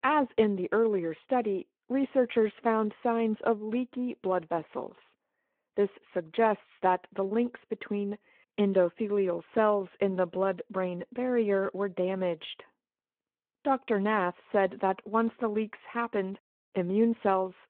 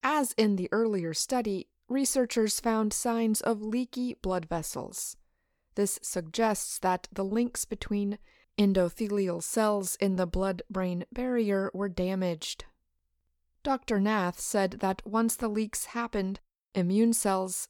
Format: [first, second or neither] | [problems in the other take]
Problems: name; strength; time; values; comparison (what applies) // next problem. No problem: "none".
second | phone-call audio